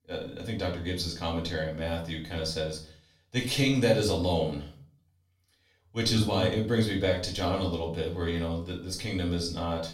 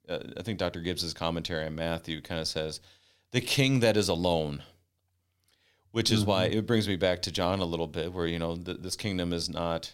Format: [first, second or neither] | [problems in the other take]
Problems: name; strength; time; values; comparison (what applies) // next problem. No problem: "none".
second | room echo; slight; dies away in 0.4 s // off-mic speech; far